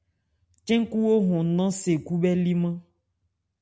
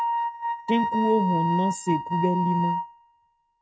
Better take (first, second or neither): first